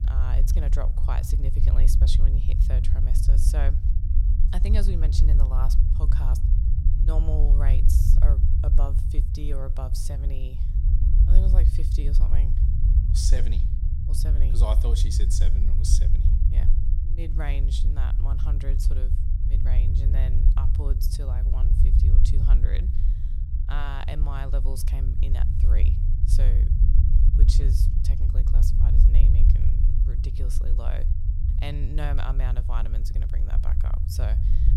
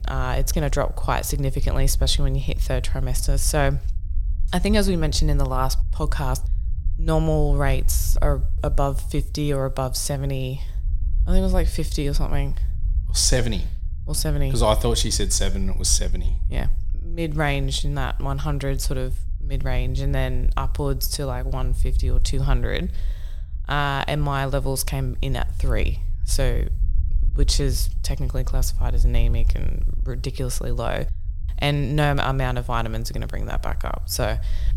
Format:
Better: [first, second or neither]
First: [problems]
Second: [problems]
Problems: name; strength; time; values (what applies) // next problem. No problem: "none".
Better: second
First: low rumble; loud; throughout; 3 dB below the speech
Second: low rumble; faint; throughout; 20 dB below the speech